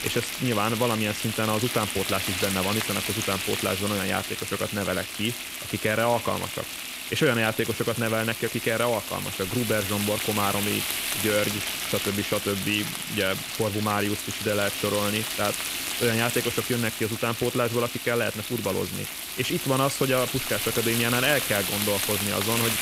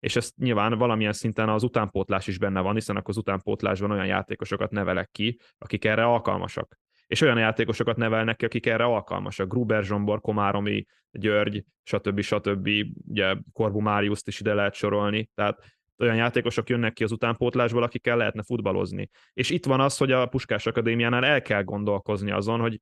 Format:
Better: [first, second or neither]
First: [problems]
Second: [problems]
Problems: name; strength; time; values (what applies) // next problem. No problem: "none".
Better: second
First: household noises; loud; throughout; 2 dB below the speech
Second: none